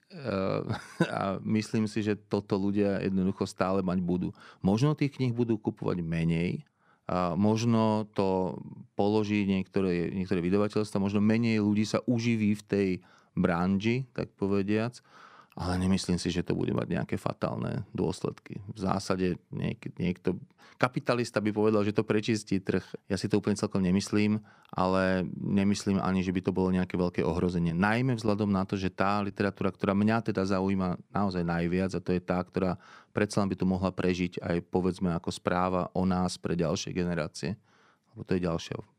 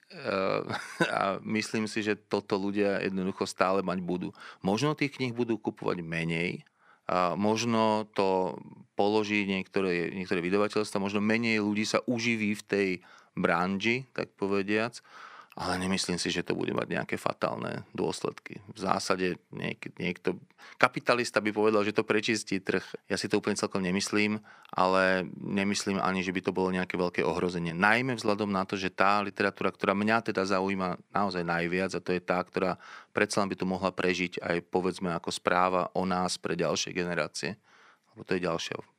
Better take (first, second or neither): first